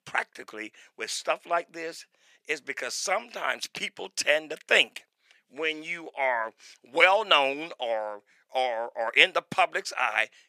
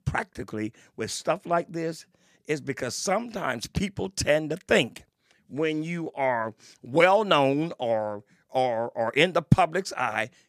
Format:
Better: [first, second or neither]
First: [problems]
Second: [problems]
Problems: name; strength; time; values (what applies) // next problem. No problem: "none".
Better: second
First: thin; very; fading below 550 Hz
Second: none